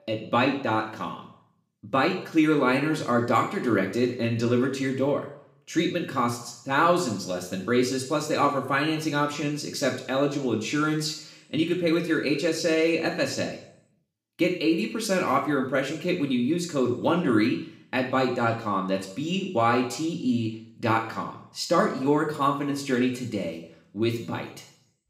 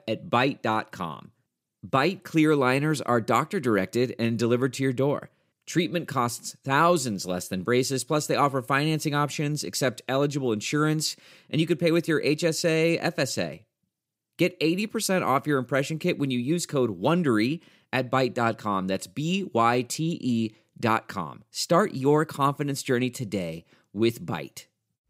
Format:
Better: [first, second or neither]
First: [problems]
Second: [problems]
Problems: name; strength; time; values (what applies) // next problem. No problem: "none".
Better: second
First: room echo; slight; dies away in 0.6 s // off-mic speech; somewhat distant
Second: none